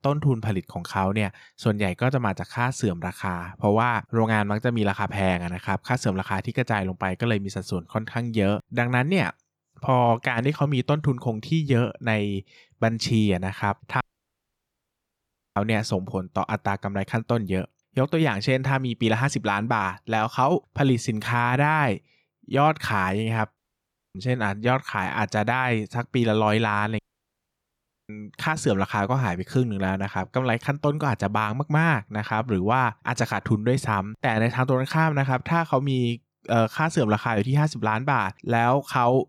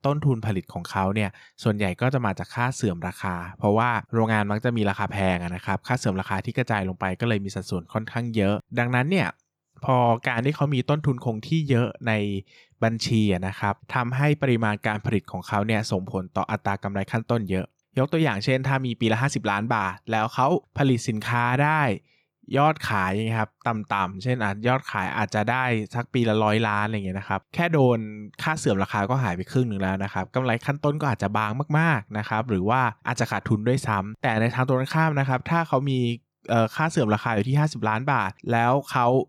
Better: second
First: audio cutting out; at 14 s for 1.5 s, at 24 s for 0.5 s and at 27 s for 1 s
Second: none

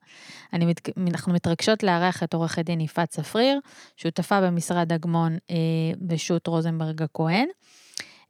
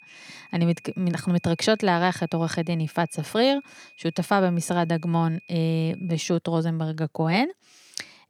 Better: first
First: none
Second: high-pitched whine; faint; until 6.5 s; 2.5 kHz, 25 dB below the speech

